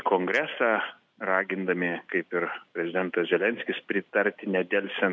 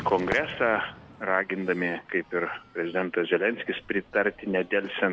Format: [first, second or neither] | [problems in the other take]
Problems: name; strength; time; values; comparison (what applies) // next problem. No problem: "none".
first | background sound (Crowd / Fireworks); 17 dB below the speech